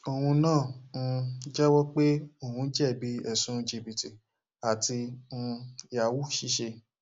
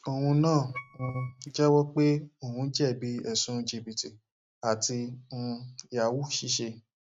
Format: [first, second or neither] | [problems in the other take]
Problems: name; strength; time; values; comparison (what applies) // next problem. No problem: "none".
first | noise reduction (neural mask model RNNoise)